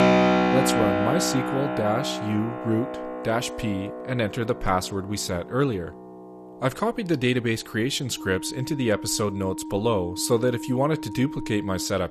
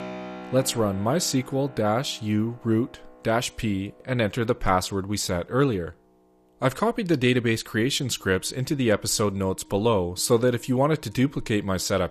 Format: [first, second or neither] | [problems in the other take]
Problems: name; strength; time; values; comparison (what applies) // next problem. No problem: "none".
second | background music; loud; throughout; 3 dB below the speech; faint in the second